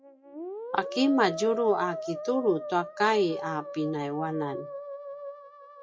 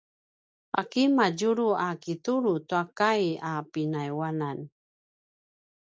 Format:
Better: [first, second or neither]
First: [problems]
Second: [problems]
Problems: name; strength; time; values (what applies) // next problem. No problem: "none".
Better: second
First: noise reduction (classical method WPE with log-MMSE)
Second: none